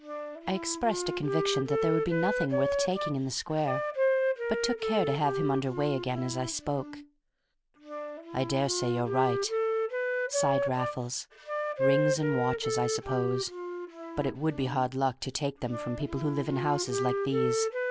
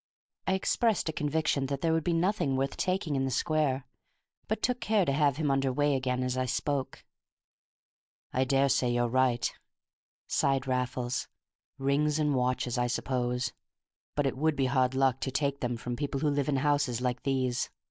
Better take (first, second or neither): second